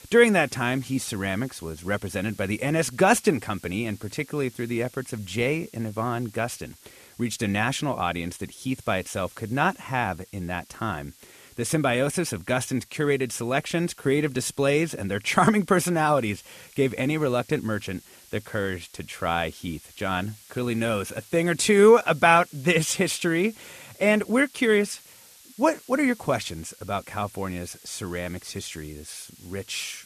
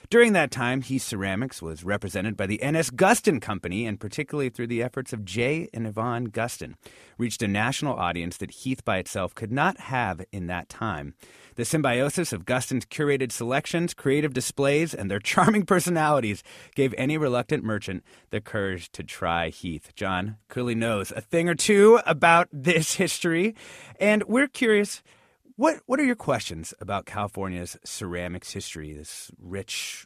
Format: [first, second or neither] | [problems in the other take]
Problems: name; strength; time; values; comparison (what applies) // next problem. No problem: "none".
second | hiss; faint; throughout; 25 dB below the speech